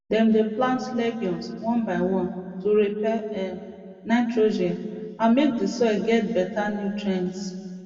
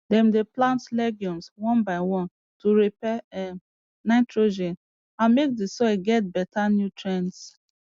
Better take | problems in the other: second | room echo; dies away in 2 s

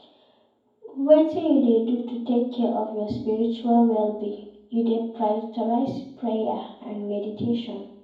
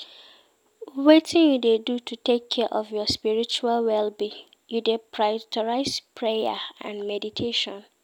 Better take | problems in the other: second | room echo; dies away in 0.9 s

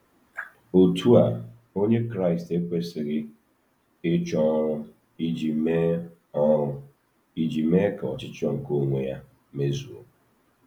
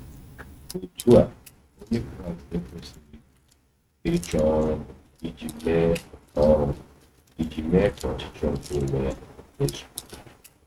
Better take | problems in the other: first | noise reduction (neural mask model RNNoise)

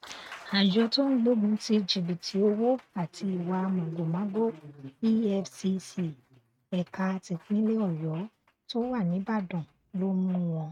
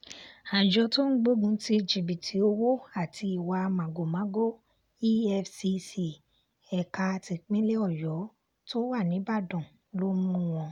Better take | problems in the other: second | noise reduction (neural mask model RNNoise)

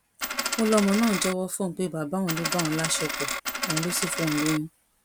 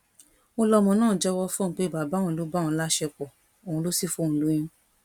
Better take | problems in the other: second | background sound (Coin (dropping)); 3 dB below the speech

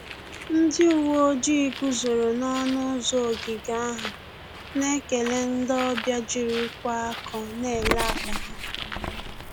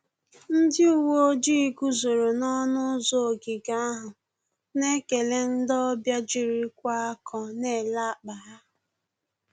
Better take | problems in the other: second | background sound (Bird); 9 dB below the speech

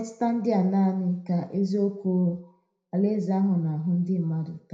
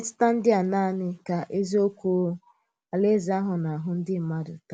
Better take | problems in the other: second | room echo; dies away in 0.5 s

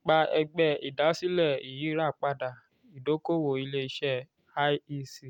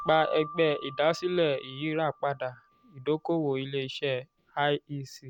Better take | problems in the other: first | background sound (Keyboard (musical)); 17 dB below the speech

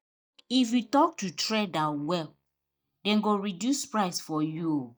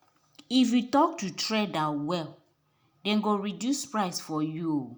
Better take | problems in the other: second | noise reduction (neural mask model DeepFilterNet 3)

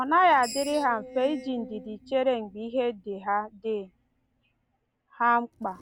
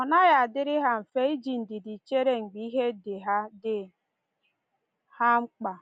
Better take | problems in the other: second | background sound (Screech); 18 dB below the speech

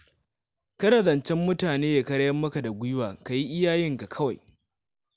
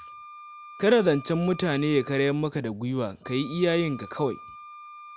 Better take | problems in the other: first | background sound (Wind instrument, woodwind instrument); 18 dB below the speech

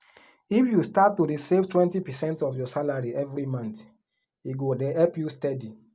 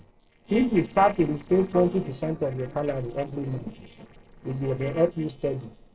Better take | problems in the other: first | noise reduction (neural separator model SepFormer DNS4)

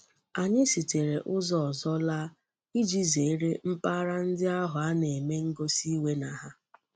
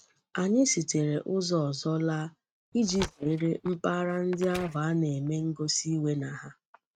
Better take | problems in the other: first | noise reduction (neural mask model RNNoise)

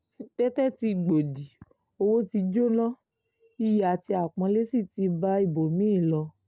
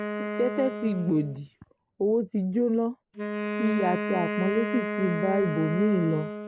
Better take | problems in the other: first | background sound (Wind instrument, woodwind instrument); 5 dB below the speech

